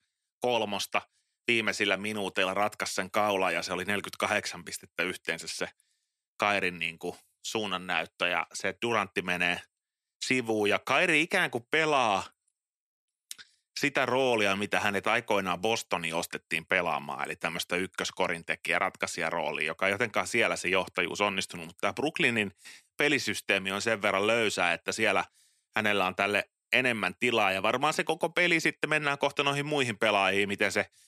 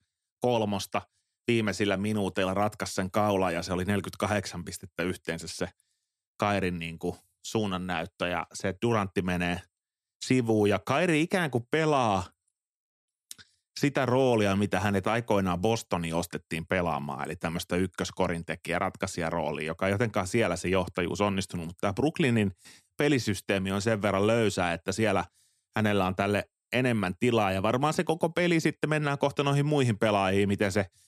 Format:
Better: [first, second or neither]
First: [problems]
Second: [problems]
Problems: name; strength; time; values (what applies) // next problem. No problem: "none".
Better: second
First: thin; somewhat; fading below 550 Hz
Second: none